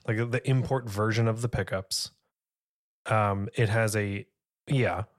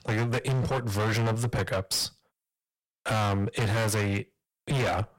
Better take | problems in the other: first | distortion; heavy; 29% of the sound clipped

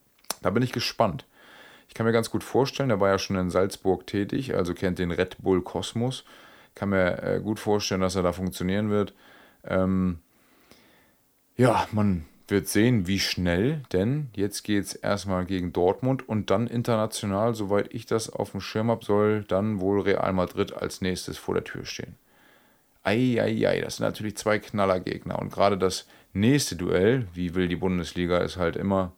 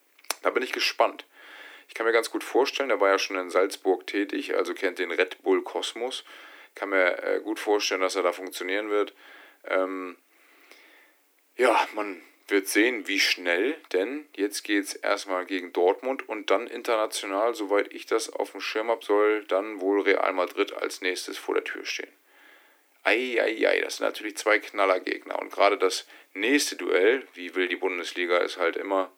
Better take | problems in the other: first | thin; somewhat; fading below 300 Hz

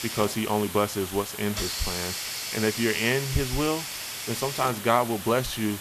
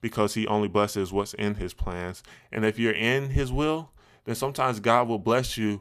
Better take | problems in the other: second | hiss; loud; throughout; 5 dB below the speech

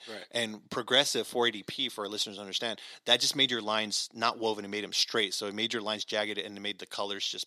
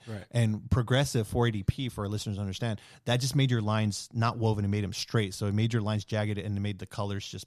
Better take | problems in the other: second | thin; very; fading below 300 Hz

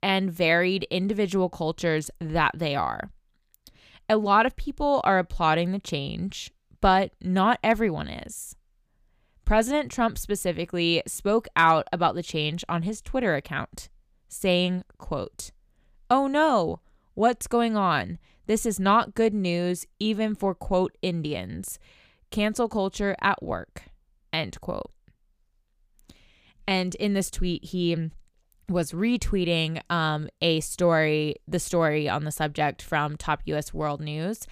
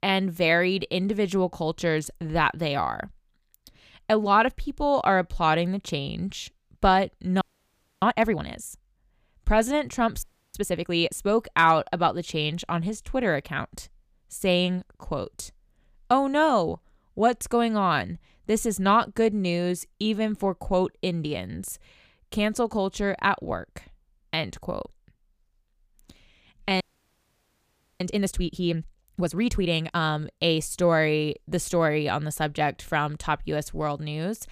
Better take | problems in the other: first | audio freezing; at 7.5 s for 0.5 s, at 10 s and at 27 s for 1 s

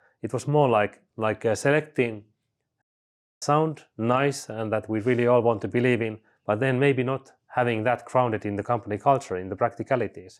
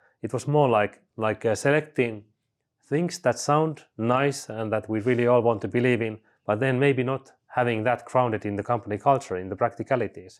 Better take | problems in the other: second | audio cutting out; at 3 s for 0.5 s

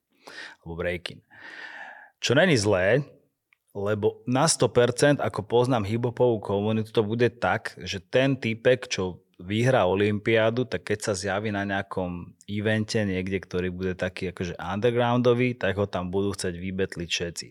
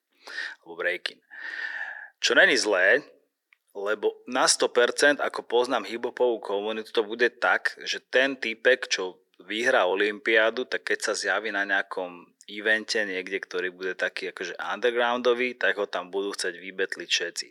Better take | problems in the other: first | thin; somewhat; fading below 300 Hz

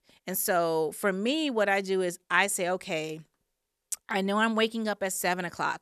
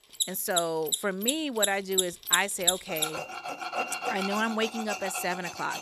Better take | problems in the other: first | machinery noise; very loud; throughout; as loud as the speech

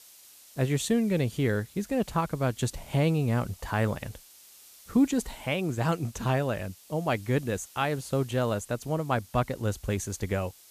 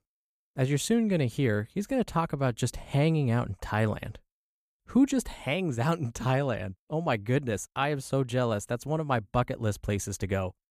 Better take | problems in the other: second | hiss; faint; throughout; 20 dB below the speech

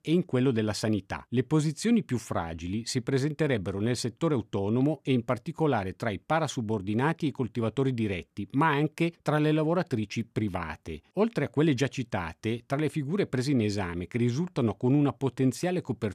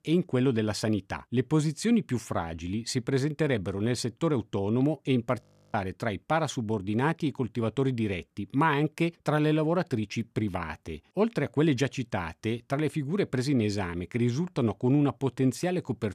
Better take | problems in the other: first | audio freezing; at 5.5 s

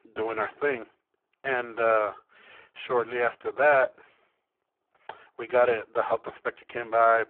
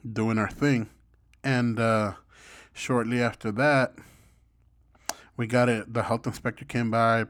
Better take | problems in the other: second | phone-call audio; poor line

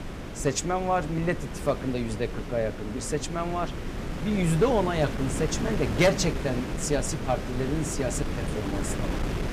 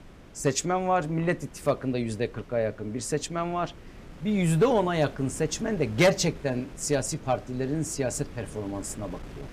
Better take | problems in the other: second | wind noise on the microphone; heavy; 8 dB below the speech; occasional gusts in the second

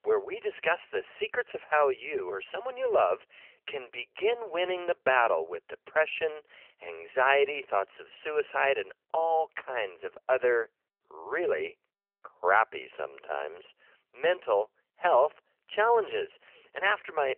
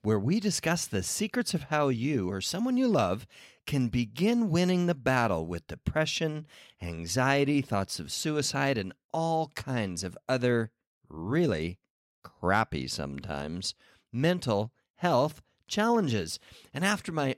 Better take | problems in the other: second | phone-call audio; nothing above 3 kHz

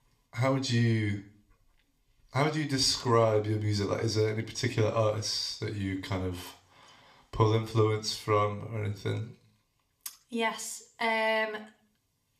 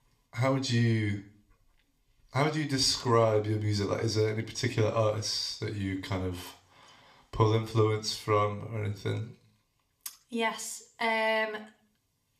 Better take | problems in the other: neither | room echo; very slight; dies away in 0.4 s; the same in both

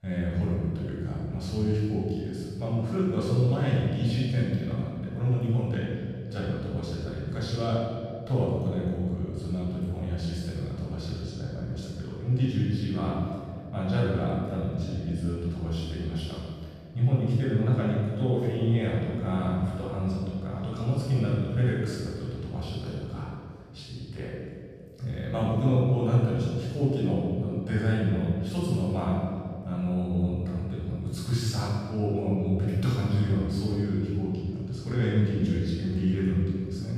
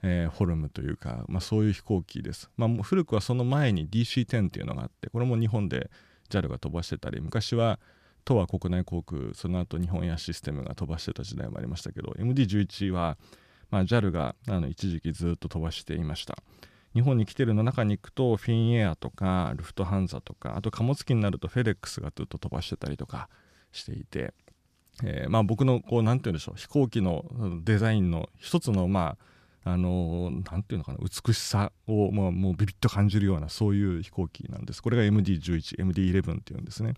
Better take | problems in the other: second | room echo; strong; dies away in 1.9 s // off-mic speech; far

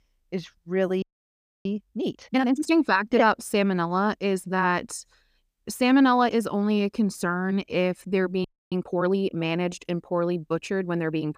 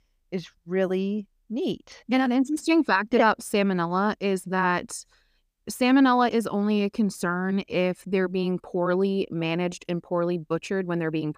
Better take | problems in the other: second | audio freezing; at 1 s for 0.5 s and at 8.5 s

